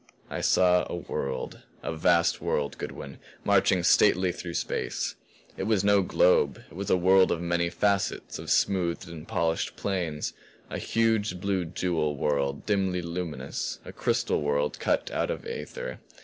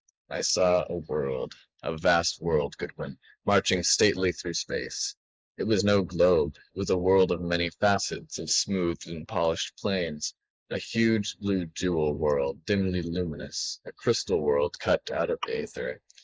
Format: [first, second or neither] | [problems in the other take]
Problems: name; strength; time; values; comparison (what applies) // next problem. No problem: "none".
first | noise reduction (neural mask model Resemble Enhance denoiser)